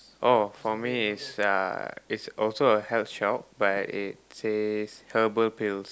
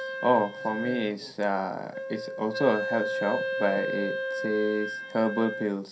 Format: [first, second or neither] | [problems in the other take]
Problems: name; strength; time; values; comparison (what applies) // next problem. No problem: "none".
first | background sound (Wind instrument, woodwind instrument); 5 dB below the speech // room echo; dies away in 0.3 s